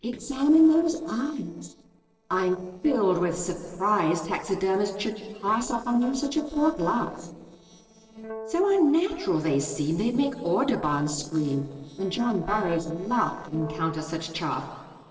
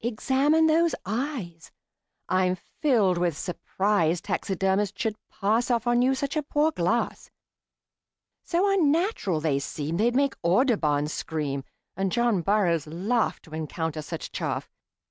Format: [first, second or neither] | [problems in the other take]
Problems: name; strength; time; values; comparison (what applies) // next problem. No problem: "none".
second | noise reduction (neural separator model SepFormer DNS4)